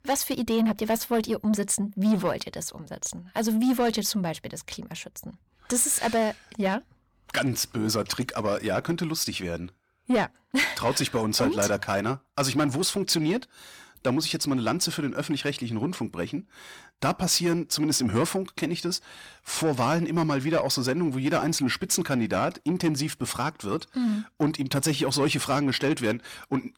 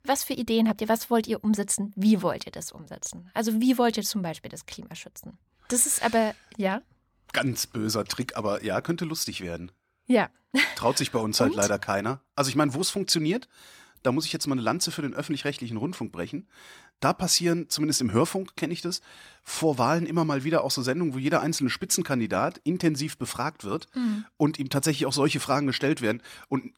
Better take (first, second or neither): second